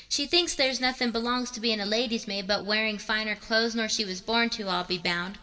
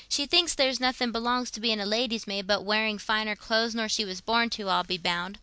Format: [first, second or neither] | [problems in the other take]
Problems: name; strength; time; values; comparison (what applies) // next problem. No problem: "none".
second | room echo; dies away in 2.9 s